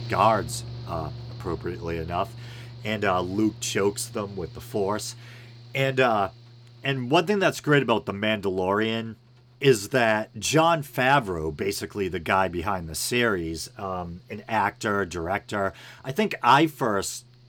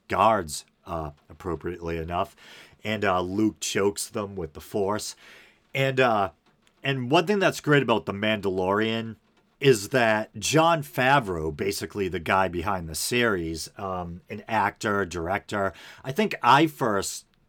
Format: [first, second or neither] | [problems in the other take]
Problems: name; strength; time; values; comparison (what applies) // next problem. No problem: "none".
second | machinery noise; noticeable; throughout; 20 dB below the speech